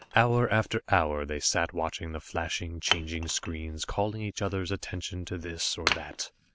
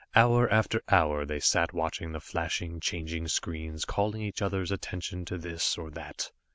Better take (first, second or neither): second